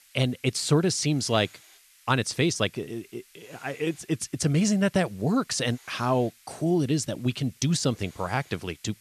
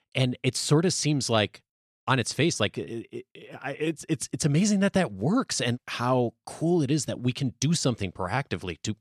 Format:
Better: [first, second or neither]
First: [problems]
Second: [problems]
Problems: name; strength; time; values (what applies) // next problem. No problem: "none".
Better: second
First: hiss; faint; throughout; 25 dB below the speech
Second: none